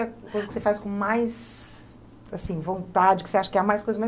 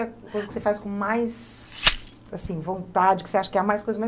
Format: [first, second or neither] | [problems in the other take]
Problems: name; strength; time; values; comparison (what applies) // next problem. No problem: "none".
first | background sound (Glass); 5 dB below the speech